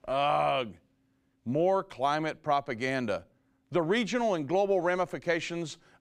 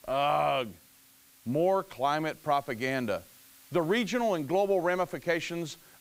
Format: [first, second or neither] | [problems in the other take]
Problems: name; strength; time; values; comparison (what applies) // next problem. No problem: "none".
first | hiss; faint; throughout; 25 dB below the speech